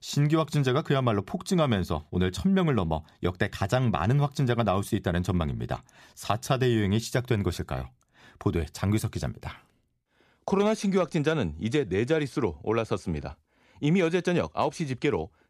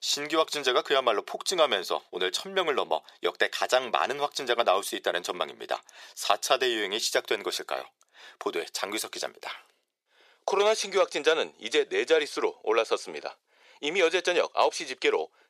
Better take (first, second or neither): first